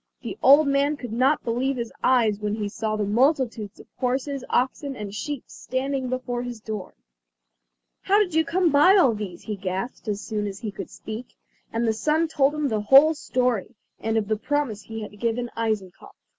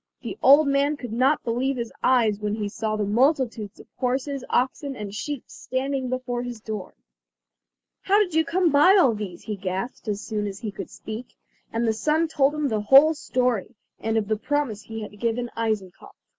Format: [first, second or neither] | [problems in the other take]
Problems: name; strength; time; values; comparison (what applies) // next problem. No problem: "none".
first | noise reduction (neural mask model Resemble Enhance denoiser)